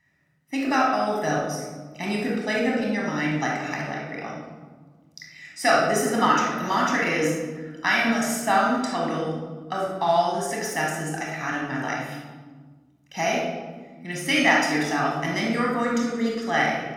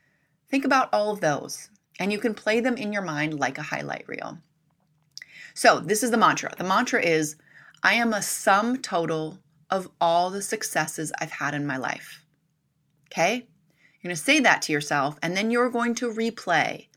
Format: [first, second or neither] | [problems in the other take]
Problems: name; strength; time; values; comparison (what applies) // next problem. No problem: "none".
second | off-mic speech; somewhat distant // room echo; noticeable; dies away in 1.3 s